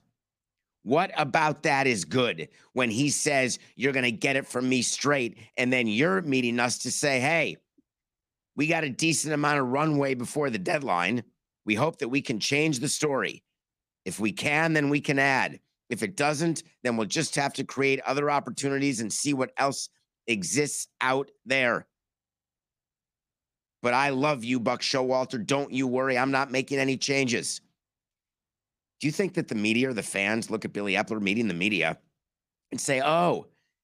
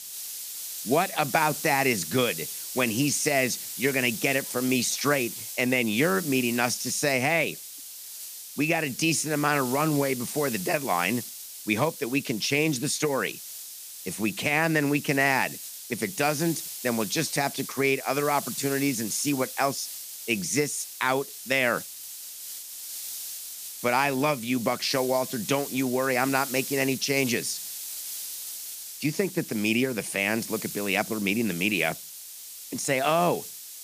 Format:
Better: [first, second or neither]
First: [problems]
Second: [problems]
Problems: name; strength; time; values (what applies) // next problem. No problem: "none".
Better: first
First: none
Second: hiss; loud; throughout; 9 dB below the speech